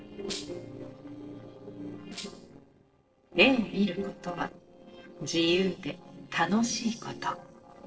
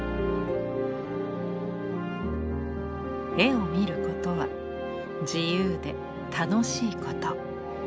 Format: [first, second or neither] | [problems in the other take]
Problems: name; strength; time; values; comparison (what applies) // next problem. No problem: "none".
second | noise reduction (neural separator model SepFormer DNS4)